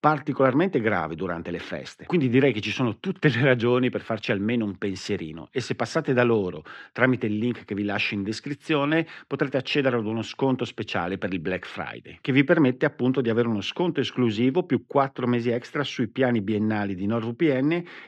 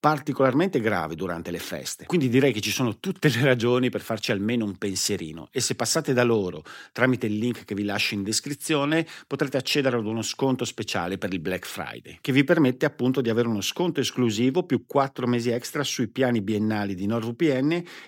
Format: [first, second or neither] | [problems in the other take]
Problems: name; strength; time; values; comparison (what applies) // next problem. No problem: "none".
second | muffled; slightly; fading above 2.5 kHz